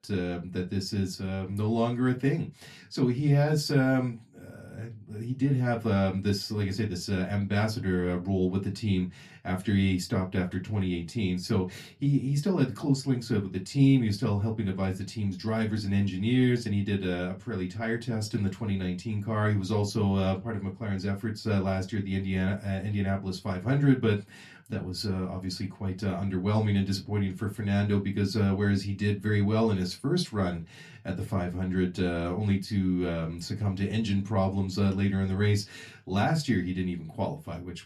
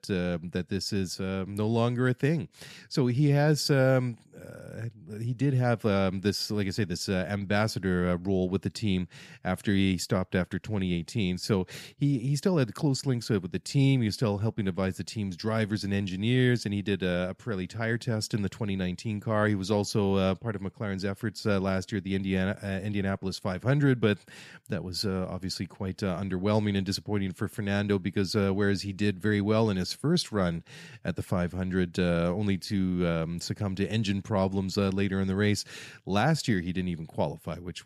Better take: second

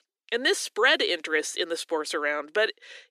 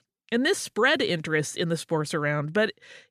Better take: second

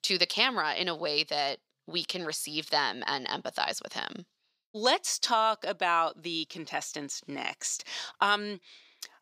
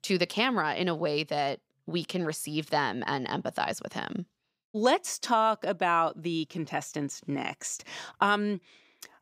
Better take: second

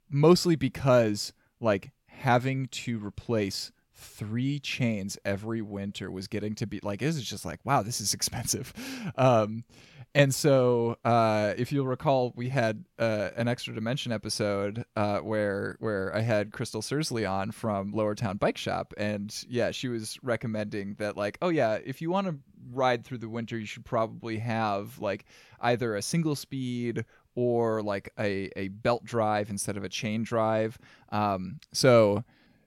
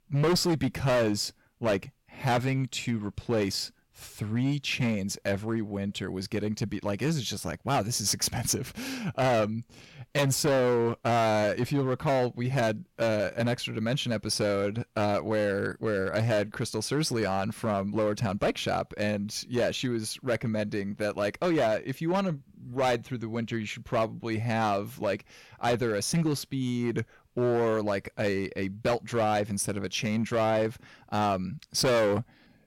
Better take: first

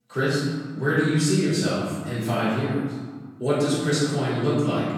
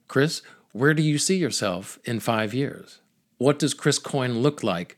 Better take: second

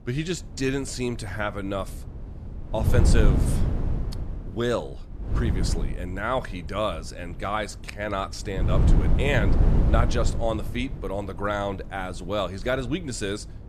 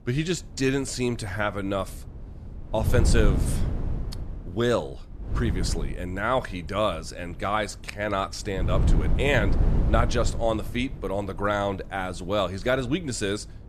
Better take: second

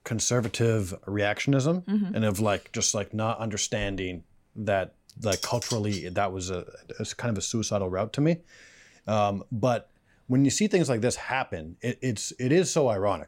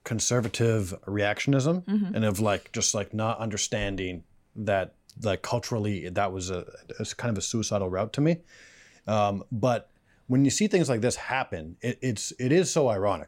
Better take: second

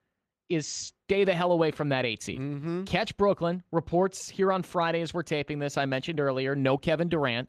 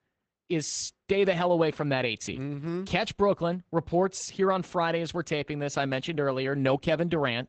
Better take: first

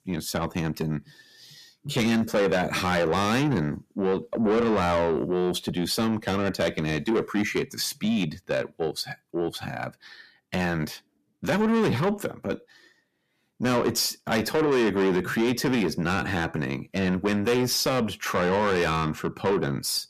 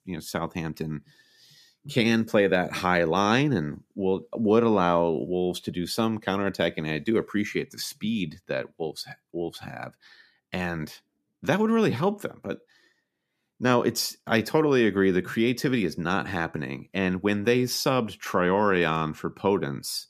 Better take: second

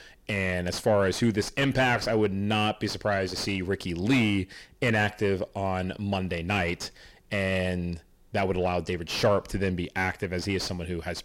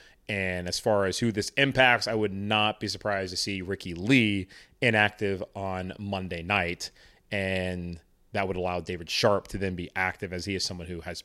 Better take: second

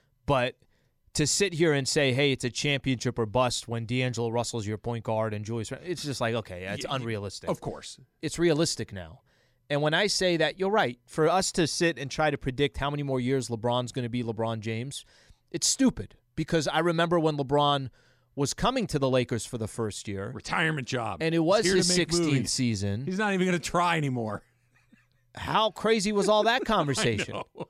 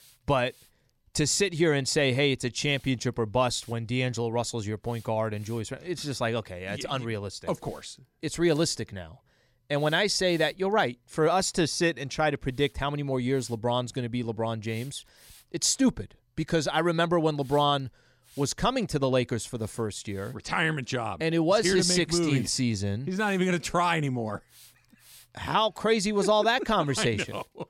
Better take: first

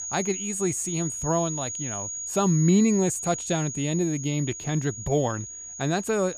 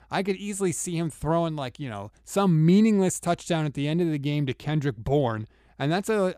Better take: second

